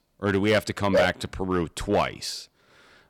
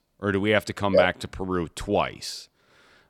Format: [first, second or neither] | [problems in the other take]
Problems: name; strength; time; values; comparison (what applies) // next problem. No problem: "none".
second | distortion; slight; 3% of the sound clipped